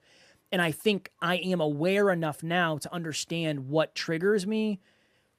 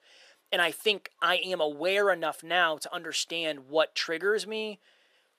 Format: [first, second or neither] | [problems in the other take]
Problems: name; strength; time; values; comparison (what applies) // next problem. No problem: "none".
first | thin; very; fading below 550 Hz